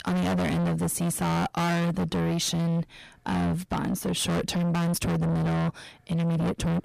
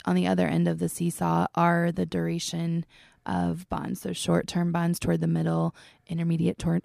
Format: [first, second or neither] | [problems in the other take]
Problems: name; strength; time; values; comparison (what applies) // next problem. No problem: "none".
second | distortion; heavy; 6 dB below the speech